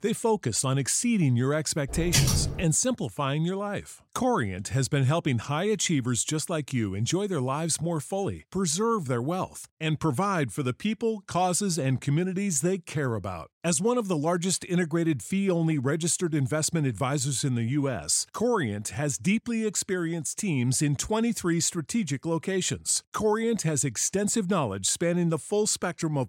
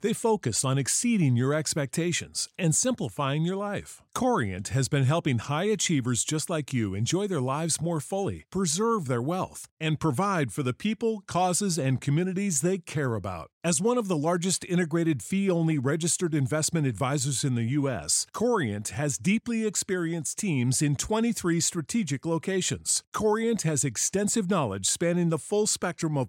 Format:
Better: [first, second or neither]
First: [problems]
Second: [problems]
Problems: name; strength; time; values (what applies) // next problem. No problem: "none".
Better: second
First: keyboard typing; loud; at 2 s; peak 4 dB above the speech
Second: none